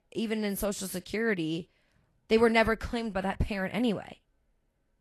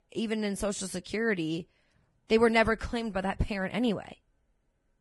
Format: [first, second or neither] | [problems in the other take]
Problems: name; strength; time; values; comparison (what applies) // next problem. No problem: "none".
first | garbled, watery; badly; nothing above 11.5 kHz; slightly in the first